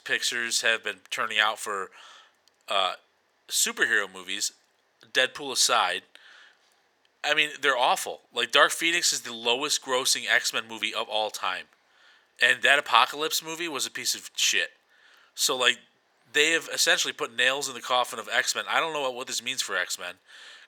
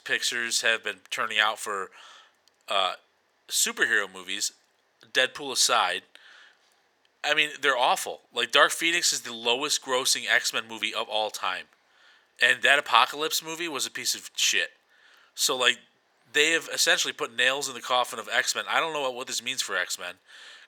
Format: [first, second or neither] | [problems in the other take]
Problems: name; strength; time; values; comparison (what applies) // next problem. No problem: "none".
neither | thin; very; fading below 600 Hz; the same in both